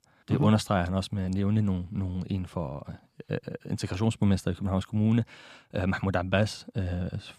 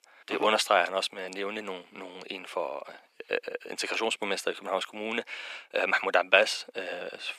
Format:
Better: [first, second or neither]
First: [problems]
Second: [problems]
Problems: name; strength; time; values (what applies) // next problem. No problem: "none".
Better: first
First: none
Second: thin; very; fading below 400 Hz